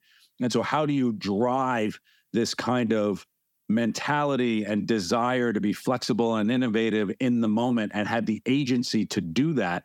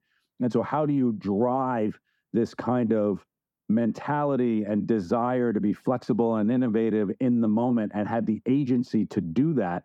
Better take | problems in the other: first | muffled; very; fading above 1.5 kHz

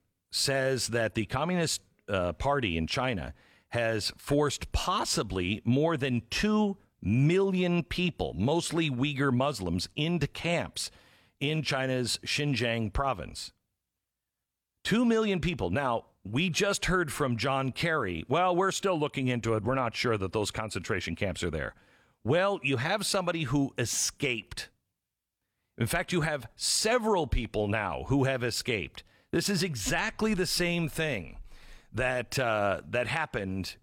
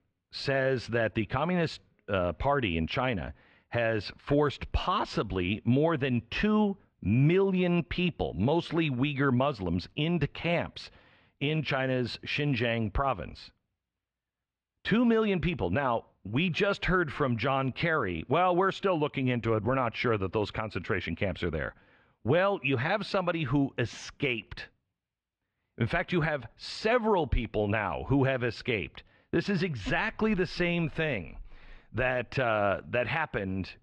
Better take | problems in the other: first | muffled; slightly; fading above 3 kHz

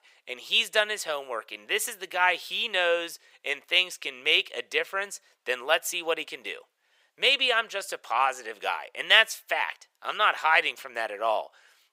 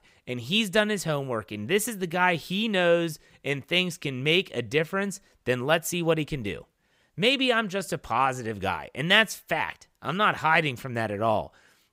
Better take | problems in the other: second | thin; very; fading below 500 Hz

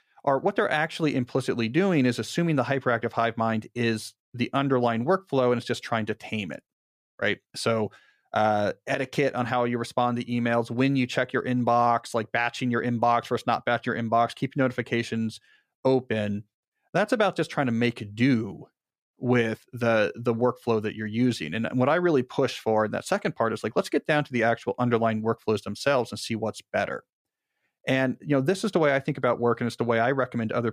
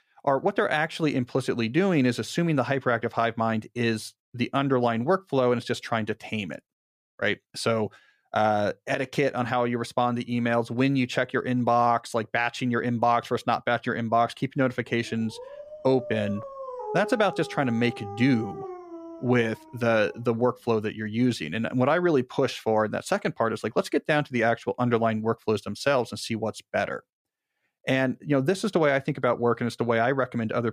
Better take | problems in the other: first | dog barking; noticeable; from 15 to 20 s; peak 8 dB below the speech

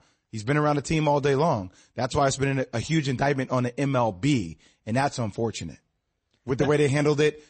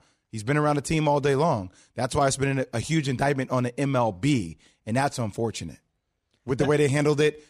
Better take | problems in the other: second | garbled, watery; slightly; nothing above 8 kHz

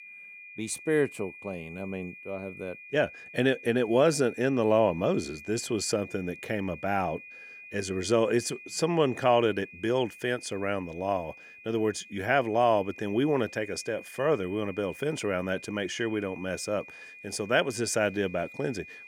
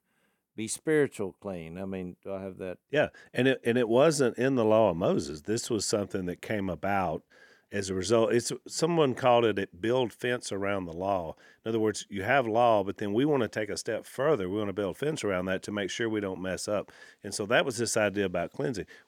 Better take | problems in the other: second | high-pitched whine; noticeable; throughout; 2.5 kHz, 15 dB below the speech

